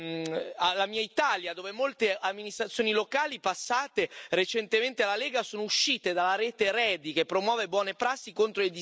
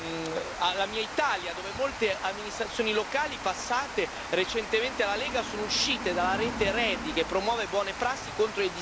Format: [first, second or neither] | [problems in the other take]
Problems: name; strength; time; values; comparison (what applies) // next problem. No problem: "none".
first | background sound (Water); 7 dB below the speech